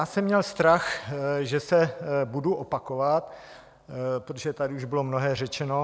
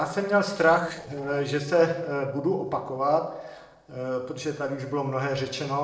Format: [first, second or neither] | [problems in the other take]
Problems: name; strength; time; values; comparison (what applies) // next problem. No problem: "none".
first | noise reduction (neural separator model SepFormer DNS4)